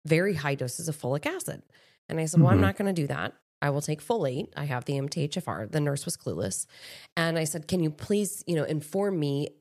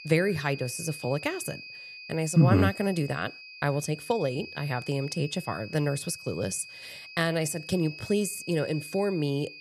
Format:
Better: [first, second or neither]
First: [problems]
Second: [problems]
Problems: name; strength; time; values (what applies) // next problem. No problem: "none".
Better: first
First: none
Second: high-pitched whine; noticeable; throughout; 2.5 kHz, 15 dB below the speech